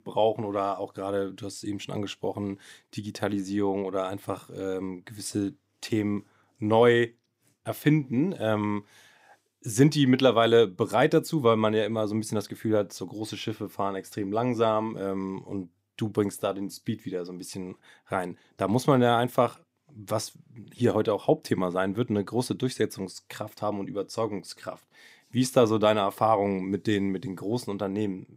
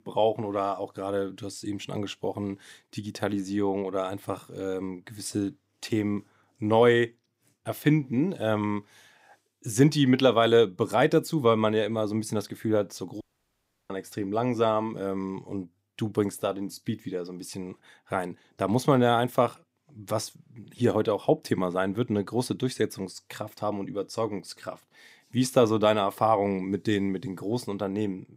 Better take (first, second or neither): first